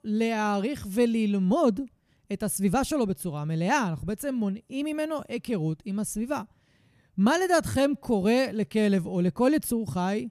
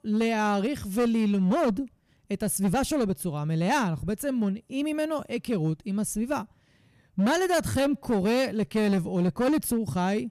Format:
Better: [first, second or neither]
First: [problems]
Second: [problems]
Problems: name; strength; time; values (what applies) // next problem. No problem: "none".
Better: first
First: none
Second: distortion; slight; 9% of the sound clipped